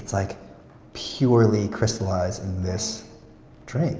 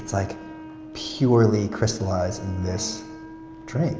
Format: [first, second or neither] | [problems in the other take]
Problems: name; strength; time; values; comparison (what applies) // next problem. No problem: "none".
first | background sound (Wind instrument, woodwind instrument); 16 dB below the speech